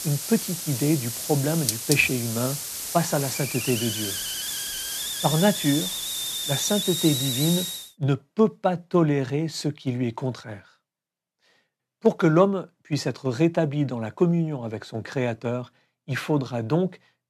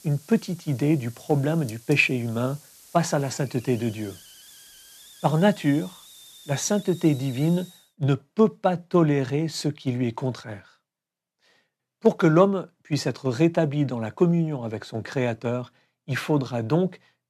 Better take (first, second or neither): second